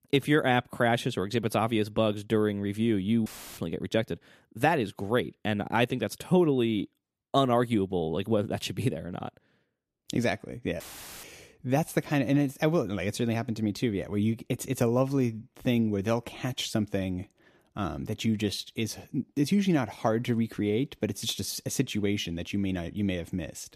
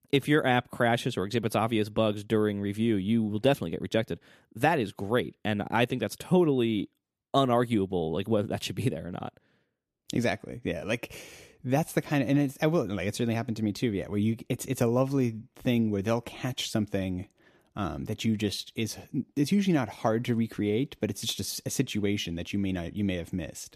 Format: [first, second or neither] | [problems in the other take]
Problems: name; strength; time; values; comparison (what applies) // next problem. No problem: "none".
second | audio cutting out; filled with static; at 3.5 s and at 11 s